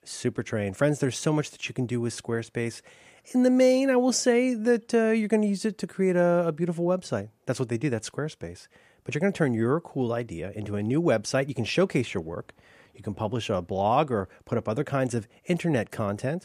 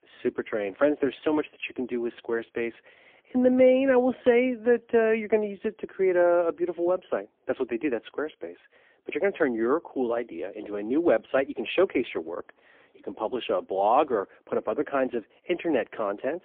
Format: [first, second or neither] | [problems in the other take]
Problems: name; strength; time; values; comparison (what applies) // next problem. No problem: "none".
first | phone-call audio; poor line; nothing above 3.5 kHz